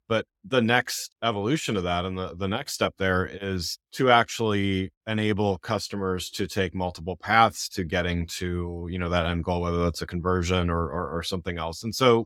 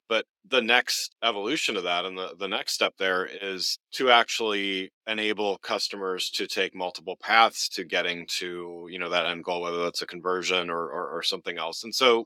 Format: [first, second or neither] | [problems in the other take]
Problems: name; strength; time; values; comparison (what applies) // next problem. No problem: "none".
first | thin; somewhat; fading below 300 Hz